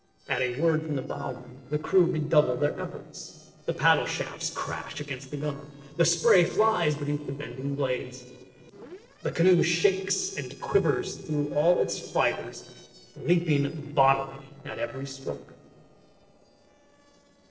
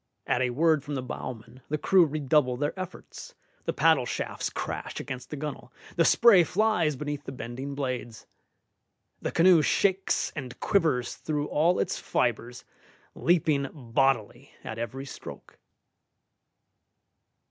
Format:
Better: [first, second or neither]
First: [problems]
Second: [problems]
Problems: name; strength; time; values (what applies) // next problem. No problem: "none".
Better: second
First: noise reduction (neural separator model SepFormer DNS4)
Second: none